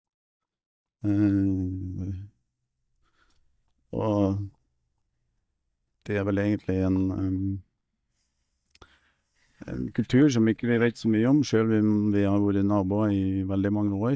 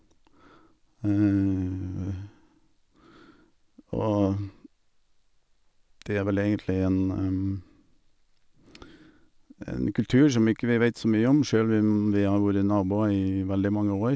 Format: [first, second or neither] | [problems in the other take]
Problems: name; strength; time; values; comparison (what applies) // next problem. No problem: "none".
second | noise reduction (neural mask model DeepFilterNet 3)